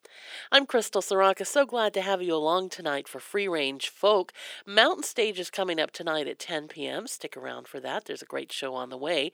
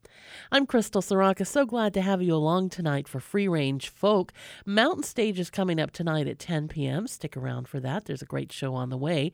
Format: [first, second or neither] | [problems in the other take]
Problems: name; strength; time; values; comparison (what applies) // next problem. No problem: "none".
second | thin; somewhat; fading below 400 Hz